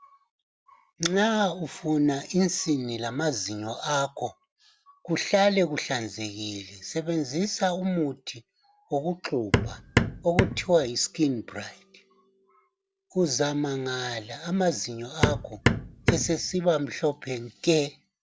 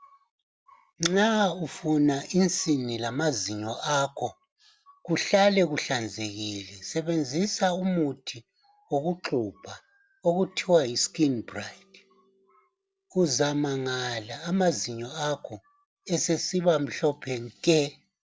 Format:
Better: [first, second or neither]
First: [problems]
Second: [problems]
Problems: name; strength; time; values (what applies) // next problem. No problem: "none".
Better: second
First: background sound (Hammer); 2 dB above the speech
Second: none